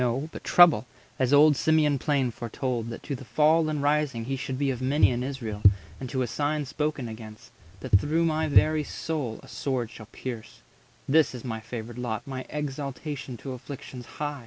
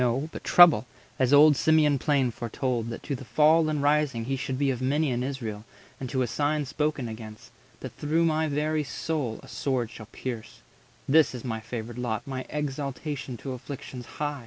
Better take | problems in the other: second | background sound (Walk, footsteps / Bird vocalization, bird call, bird song); 1 dB below the speech

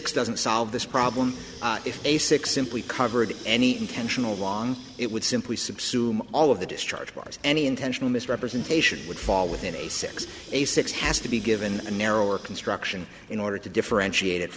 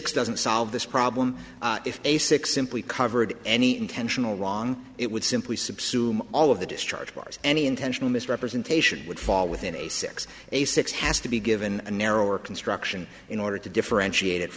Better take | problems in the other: second | background sound (Sink (filling or washing) / Water tap, faucet); 17 dB below the speech

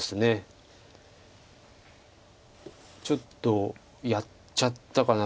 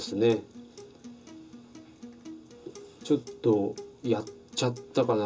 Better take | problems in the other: first | background sound (Acoustic guitar); 16 dB below the speech // room echo; dies away in 0.2 s

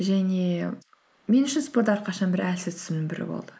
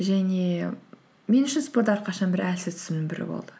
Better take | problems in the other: second | noise reduction (neural mask model Resemble Enhance denoiser)

